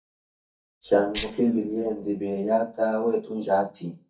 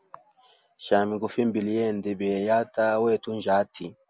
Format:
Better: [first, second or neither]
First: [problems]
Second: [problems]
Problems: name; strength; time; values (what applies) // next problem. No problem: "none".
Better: second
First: noise reduction (neural mask model DeepFilterNet 3)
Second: none